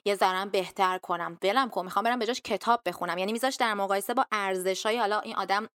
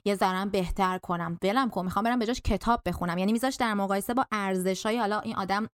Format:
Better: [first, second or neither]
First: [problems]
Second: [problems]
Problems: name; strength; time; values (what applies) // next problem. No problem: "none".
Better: second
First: thin; somewhat; fading below 400 Hz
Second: none